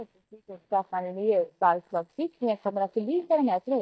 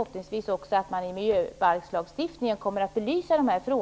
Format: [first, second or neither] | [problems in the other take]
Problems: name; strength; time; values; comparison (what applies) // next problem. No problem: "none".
second | noise reduction (neural mask model DeepFilterNet 3)